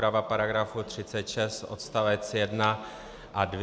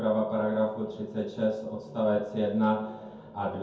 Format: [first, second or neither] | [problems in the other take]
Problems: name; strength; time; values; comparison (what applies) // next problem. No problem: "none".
first | room echo; dies away in 0.6 s